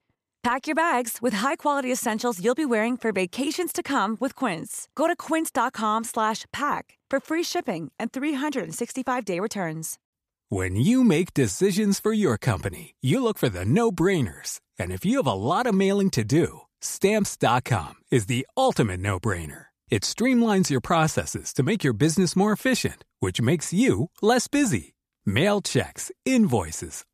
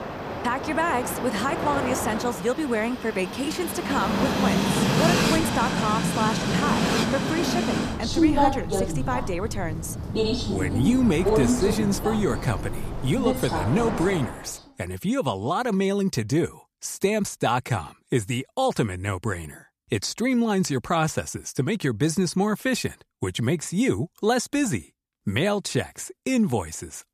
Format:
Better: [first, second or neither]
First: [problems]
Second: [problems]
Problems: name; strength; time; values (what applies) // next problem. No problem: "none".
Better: first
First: none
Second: train or aircraft noise; very loud; until 14 s; as loud as the speech